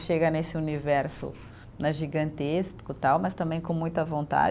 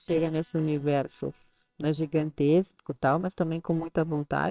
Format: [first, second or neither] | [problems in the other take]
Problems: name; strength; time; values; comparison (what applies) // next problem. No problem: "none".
first | noise reduction (neural separator model SepFormer WHAMR!)